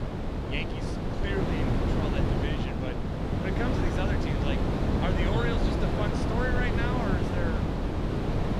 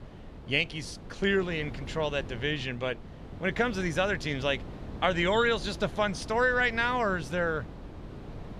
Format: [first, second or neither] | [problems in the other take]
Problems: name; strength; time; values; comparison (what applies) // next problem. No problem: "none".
second | wind noise on the microphone; heavy; 2 dB above the speech; occasional gusts in the second